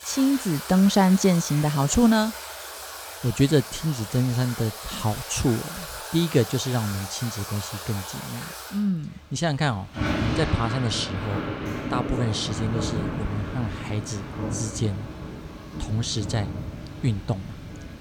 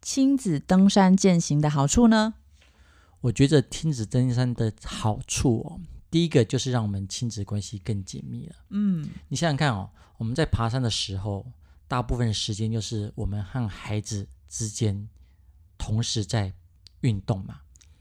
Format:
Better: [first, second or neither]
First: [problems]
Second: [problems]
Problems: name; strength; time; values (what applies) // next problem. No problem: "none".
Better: second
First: rain or running water; loud; throughout; 8 dB below the speech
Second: none